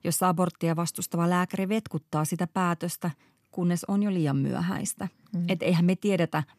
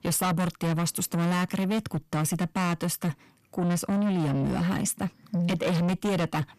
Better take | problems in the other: first | distortion; heavy; 7 dB below the speech

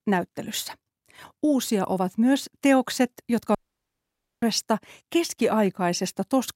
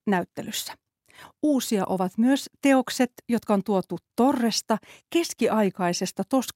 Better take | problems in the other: second | audio cutting out; at 3.5 s for 1 s

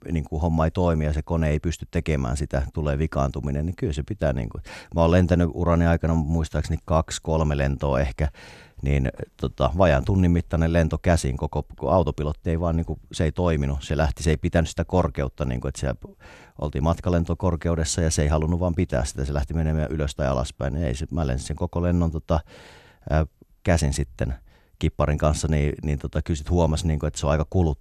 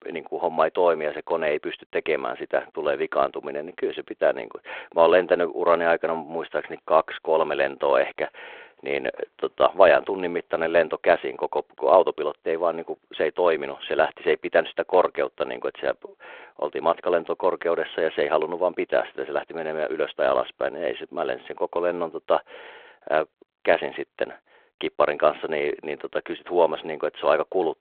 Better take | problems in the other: first | phone-call audio

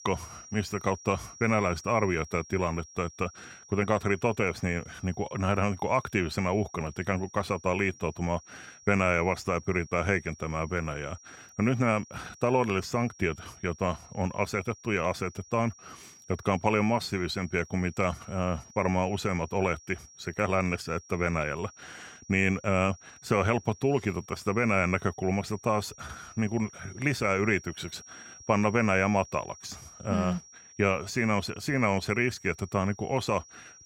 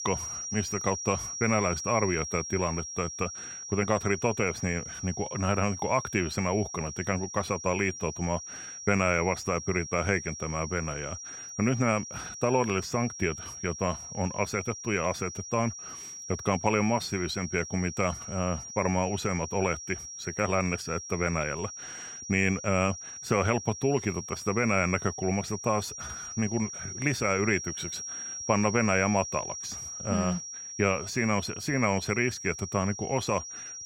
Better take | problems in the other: first | high-pitched whine; loud; throughout; 5.5 kHz, 8 dB below the speech; faint in the first

